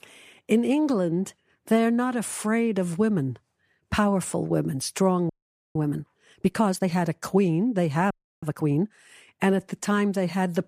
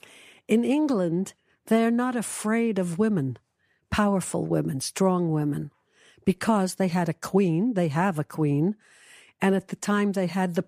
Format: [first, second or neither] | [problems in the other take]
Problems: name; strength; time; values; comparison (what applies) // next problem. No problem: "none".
second | audio freezing; at 5.5 s and at 8 s